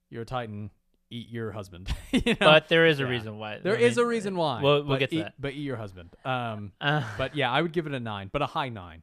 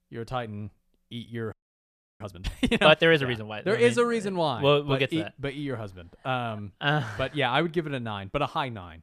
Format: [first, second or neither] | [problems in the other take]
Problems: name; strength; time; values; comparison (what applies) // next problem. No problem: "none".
first | audio freezing; at 1.5 s for 0.5 s